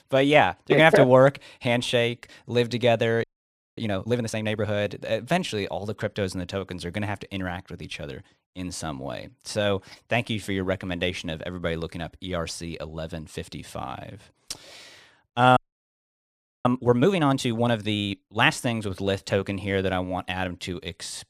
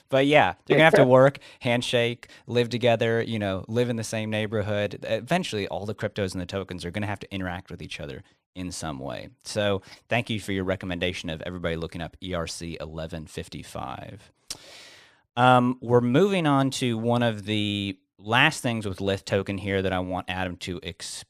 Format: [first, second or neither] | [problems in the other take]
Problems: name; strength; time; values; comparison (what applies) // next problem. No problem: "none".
second | audio freezing; at 3 s for 0.5 s and at 16 s for 1 s